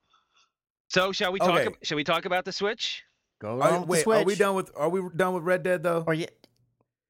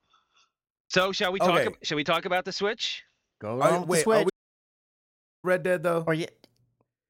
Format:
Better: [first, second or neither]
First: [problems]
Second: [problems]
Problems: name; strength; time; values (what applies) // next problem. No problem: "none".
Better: first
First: none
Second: audio cutting out; at 4.5 s for 1 s